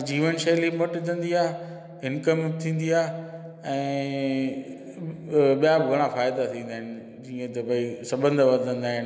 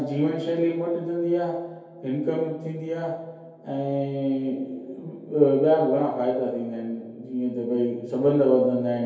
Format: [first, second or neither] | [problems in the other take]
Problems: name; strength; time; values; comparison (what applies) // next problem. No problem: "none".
first | room echo; dies away in 2.4 s